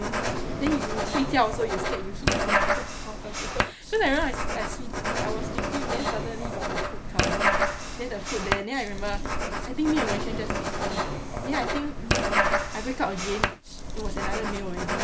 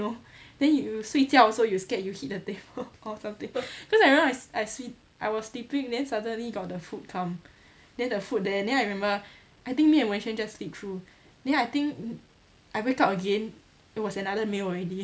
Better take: second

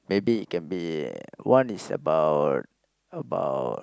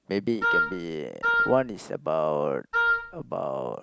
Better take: first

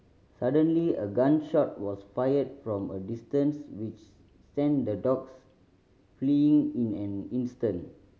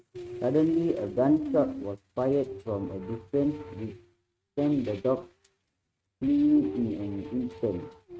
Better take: first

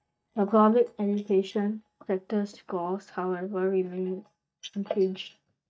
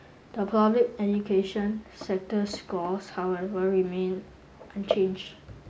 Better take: second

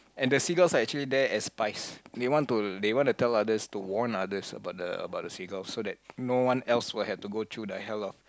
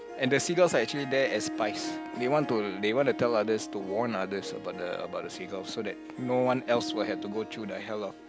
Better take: first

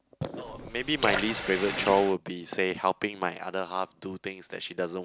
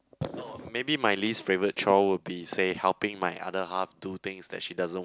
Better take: second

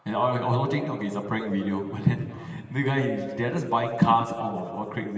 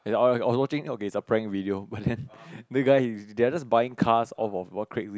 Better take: second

